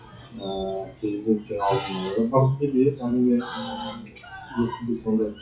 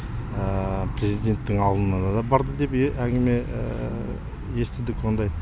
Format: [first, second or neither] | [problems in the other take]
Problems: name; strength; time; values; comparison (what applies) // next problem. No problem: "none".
second | noise reduction (classical method WPE with log-MMSE)